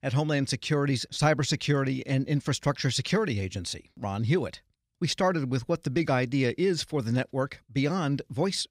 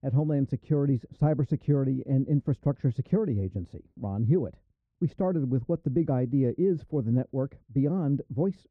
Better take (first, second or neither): first